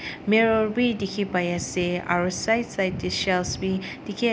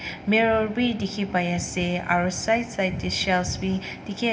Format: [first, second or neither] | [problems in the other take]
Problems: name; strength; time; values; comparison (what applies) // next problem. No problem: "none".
first | room echo; dies away in 0.9 s